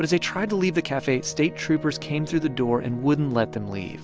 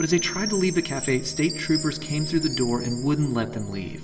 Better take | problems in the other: first | background sound (Chime); 10 dB below the speech // room echo; dies away in 1.6 s

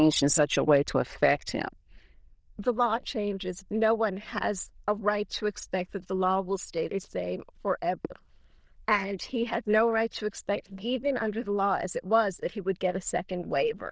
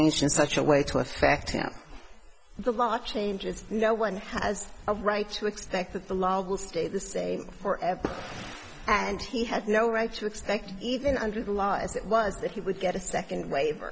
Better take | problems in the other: second | noise reduction (neural diffusion model UNIVERSE++)

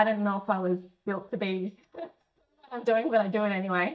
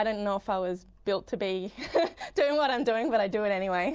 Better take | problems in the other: second | noise reduction (neural mask model DeepFilterNet 3)

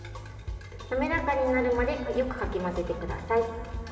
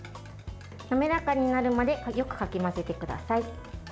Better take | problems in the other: second | background sound (Bass drum); 19 dB below the speech // room echo; dies away in 2.3 s

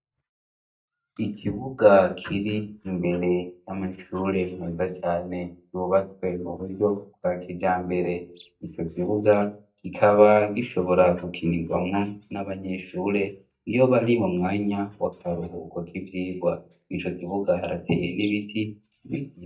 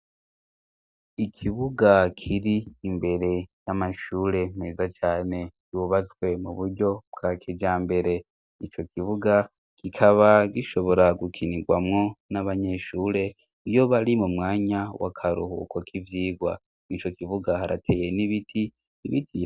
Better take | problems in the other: second | noise reduction (neural mask model DeepFilterNet 3)

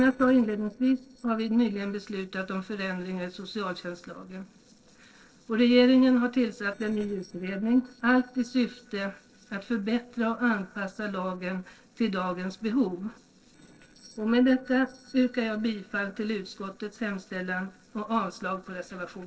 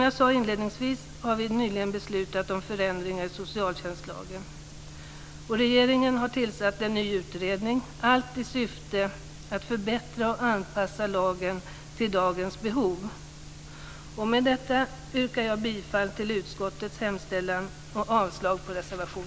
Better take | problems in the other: second | noise reduction (neural separator model SepFormer DNS4)

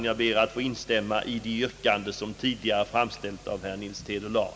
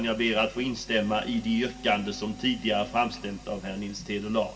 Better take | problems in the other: first | background sound (Wind instrument, woodwind instrument); 18 dB below the speech // room echo; dies away in 0.2 s

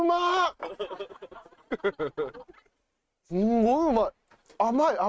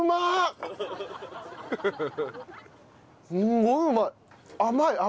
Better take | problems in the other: second | noise reduction (neural mask model RNNoise)

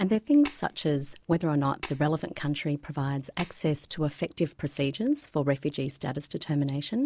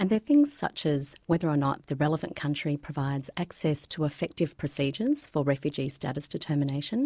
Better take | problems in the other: second | background sound (Tap); 16 dB below the speech

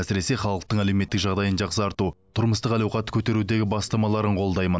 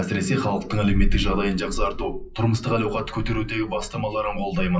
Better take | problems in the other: first | noise reduction (classical method WPE with log-MMSE)

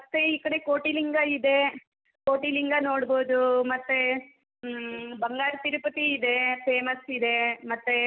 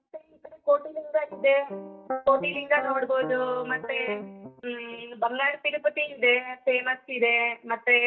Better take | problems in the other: first | noise reduction (neural mask model DeepFilterNet 3)

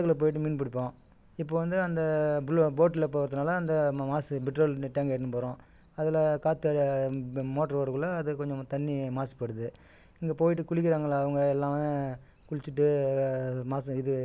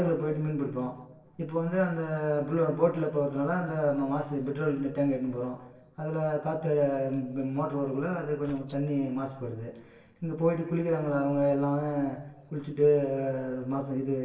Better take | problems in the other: first | noise reduction (neural separator model SepFormer DNS4)

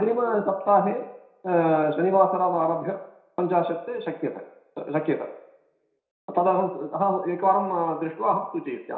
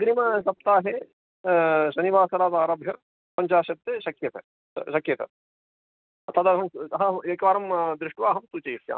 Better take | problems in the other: second | room echo; dies away in 0.7 s

